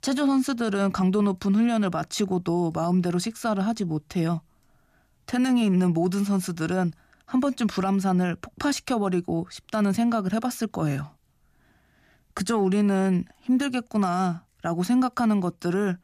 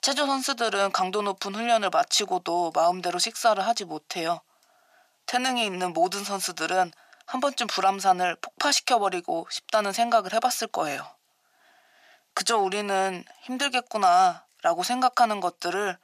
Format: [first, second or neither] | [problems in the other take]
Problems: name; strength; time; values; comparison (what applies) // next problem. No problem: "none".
first | thin; very; fading below 650 Hz